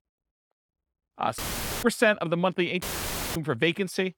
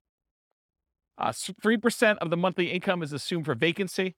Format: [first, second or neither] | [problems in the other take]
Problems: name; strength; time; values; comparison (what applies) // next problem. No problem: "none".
second | audio cutting out; filled with static; at 1.5 s and at 3 s for 0.5 s